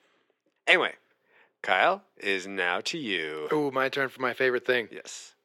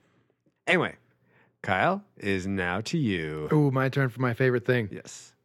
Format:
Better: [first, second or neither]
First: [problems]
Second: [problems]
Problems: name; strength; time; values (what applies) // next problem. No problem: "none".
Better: second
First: thin; somewhat; fading below 450 Hz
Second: none